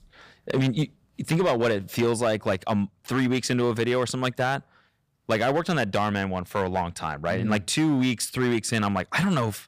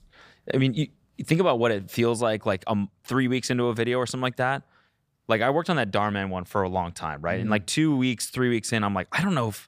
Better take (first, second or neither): second